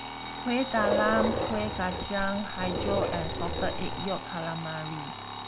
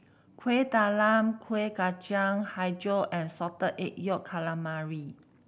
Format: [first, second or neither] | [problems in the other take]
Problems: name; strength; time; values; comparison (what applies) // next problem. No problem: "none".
second | background sound (Alarm + Dog); 1 dB below the speech